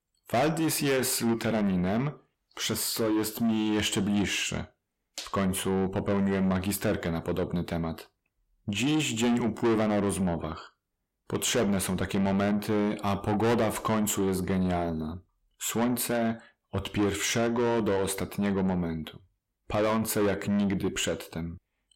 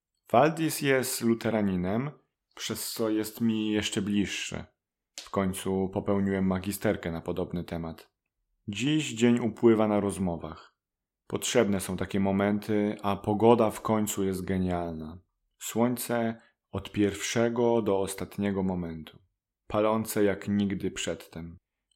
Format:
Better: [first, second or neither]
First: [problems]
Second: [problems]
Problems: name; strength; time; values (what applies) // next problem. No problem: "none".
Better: second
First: distortion; heavy; 7 dB below the speech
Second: none